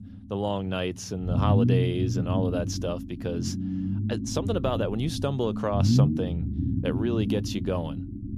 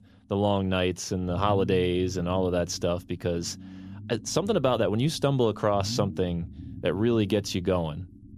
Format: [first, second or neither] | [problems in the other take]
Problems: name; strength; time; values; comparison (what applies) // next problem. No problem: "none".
second | low rumble; loud; throughout; 5 dB below the speech; faint in the second